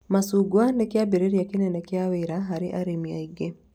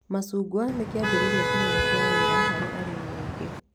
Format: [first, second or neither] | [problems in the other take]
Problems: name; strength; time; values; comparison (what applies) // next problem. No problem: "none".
first | background sound (Motor vehicle (road)); 5 dB above the speech